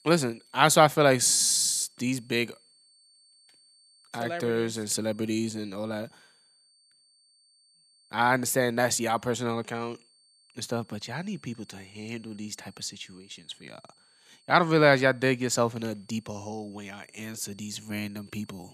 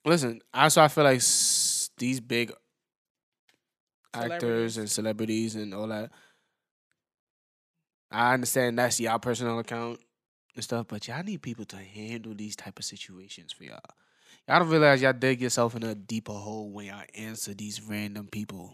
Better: second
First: high-pitched whine; faint; throughout; 4.5 kHz, 30 dB below the speech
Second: none

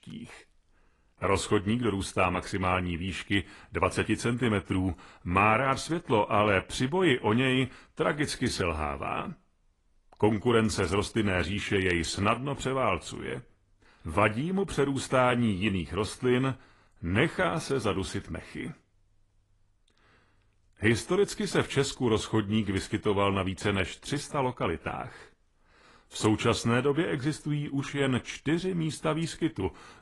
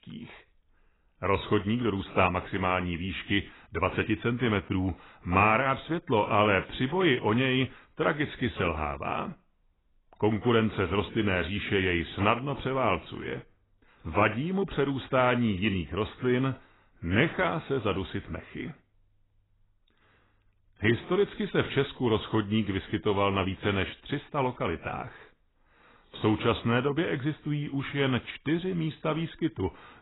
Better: first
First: garbled, watery; slightly; nothing above 10.5 kHz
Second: garbled, watery; badly; nothing above 4 kHz

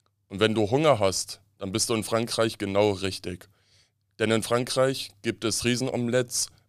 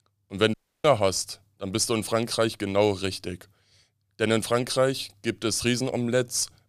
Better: first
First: none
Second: audio cutting out; at 0.5 s

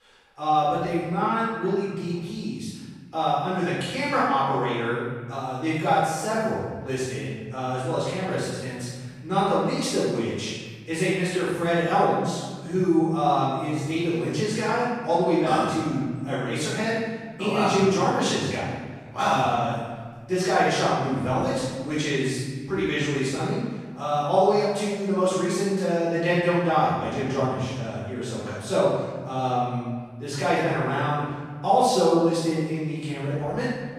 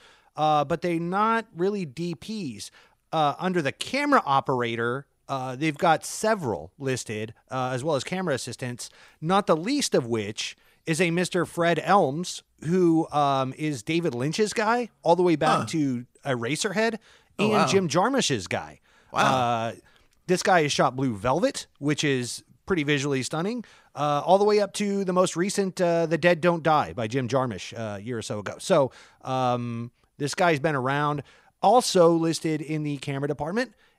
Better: second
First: off-mic speech; far // room echo; strong; dies away in 1.5 s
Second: none

